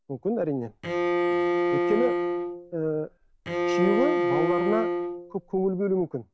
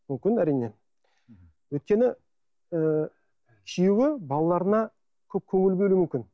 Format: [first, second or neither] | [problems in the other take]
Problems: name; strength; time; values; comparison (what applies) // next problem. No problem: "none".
second | background sound (Bowed string instrument); 3 dB above the speech